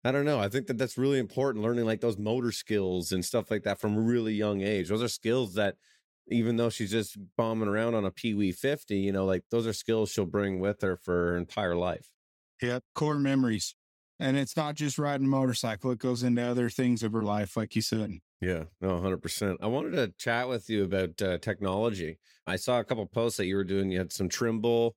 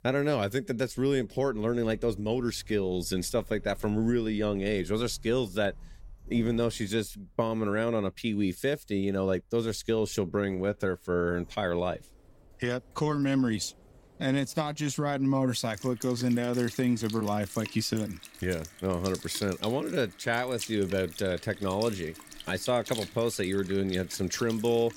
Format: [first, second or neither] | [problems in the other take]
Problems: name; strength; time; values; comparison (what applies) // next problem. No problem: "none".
first | household noises; noticeable; throughout; 15 dB below the speech